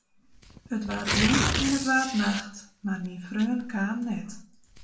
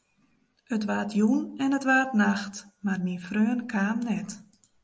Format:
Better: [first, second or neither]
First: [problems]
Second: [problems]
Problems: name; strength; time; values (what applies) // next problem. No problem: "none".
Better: second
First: background sound (Tearing); 4 dB below the speech // room echo; dies away in 0.3 s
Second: none